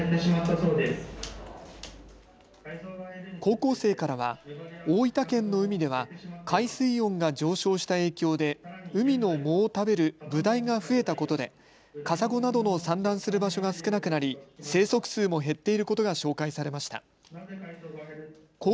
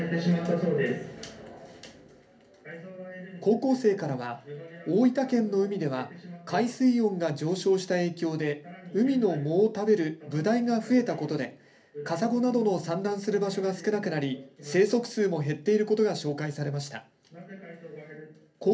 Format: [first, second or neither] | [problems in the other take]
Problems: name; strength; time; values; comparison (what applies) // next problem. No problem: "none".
first | room echo; dies away in 0.3 s